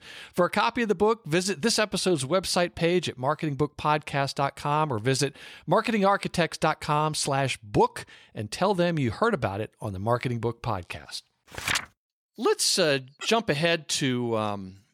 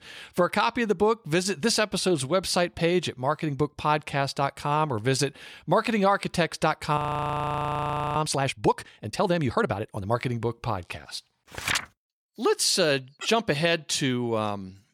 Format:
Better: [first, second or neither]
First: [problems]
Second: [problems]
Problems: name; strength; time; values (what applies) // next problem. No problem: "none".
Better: first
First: none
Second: audio freezing; at 7 s for 1 s